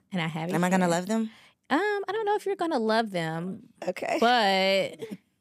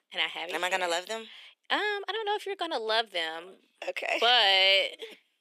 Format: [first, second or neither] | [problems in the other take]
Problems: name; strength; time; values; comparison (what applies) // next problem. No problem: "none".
first | thin; very; fading below 400 Hz